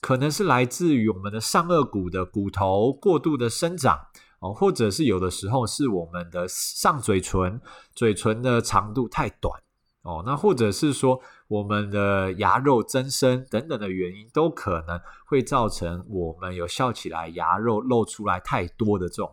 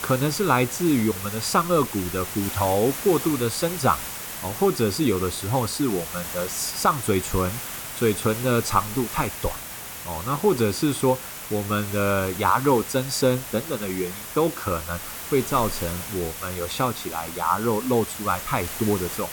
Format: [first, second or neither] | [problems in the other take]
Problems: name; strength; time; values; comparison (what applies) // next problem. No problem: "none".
first | hiss; loud; throughout; 8 dB below the speech